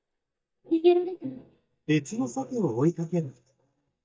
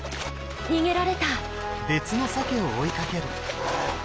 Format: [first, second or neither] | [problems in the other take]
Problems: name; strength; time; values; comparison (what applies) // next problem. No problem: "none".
second | noise reduction (neural mask model DeepFilterNet 3)